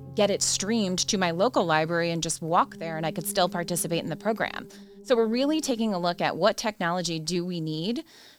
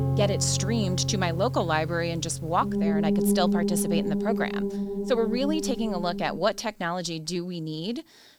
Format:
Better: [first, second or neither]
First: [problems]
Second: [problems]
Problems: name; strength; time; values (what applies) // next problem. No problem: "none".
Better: first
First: background music; faint; until 6 s; 20 dB below the speech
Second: background music; loud; until 6 s; 1 dB below the speech